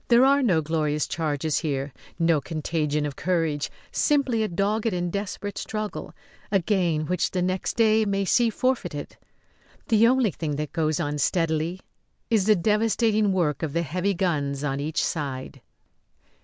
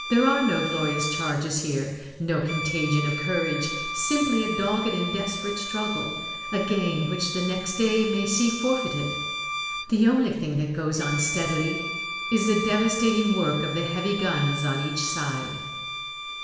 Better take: first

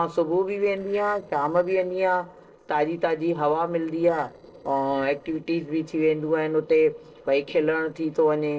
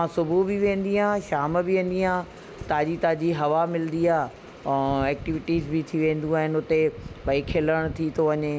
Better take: second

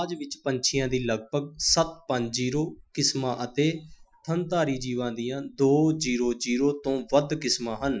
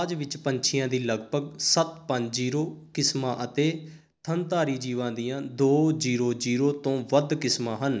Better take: second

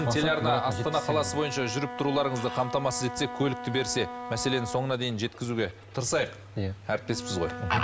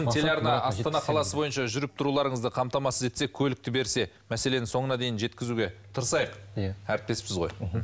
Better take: second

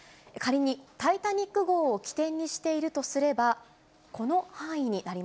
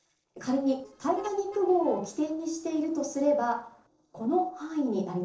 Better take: first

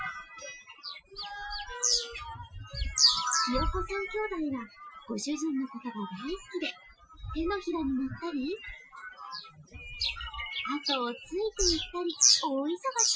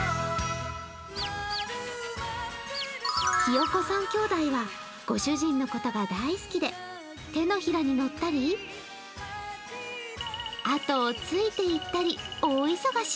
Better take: second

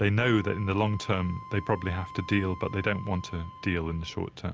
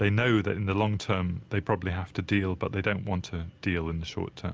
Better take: second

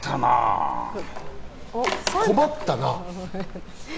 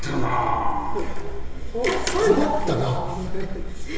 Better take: first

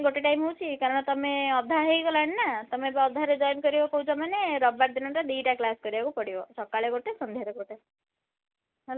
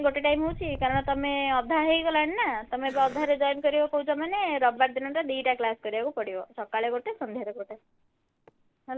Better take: first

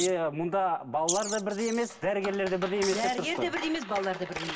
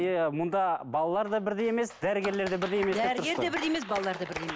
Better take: second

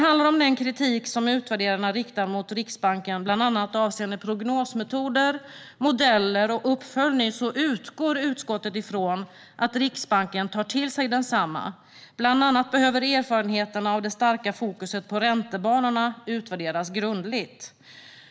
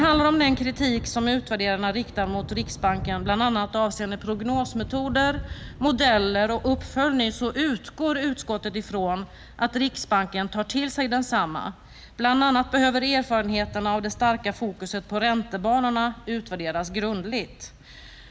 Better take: first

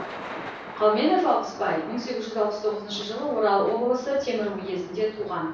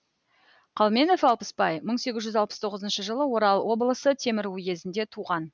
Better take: second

